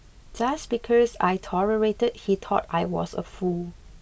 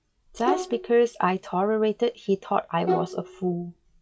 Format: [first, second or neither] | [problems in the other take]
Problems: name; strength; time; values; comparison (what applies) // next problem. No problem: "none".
first | noise reduction (classical method log-MMSE)